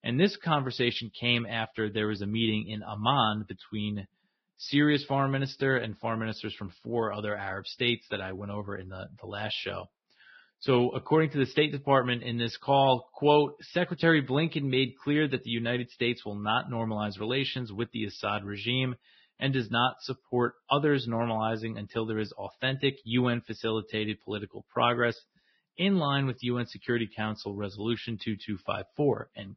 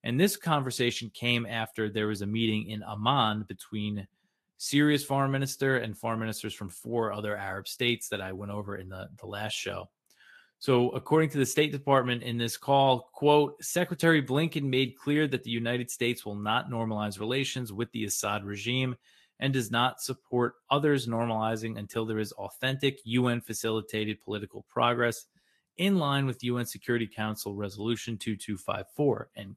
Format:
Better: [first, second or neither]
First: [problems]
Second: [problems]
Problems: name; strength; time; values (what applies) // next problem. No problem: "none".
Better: second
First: garbled, watery; badly; nothing above 5.5 kHz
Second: garbled, watery; slightly; nothing above 13 kHz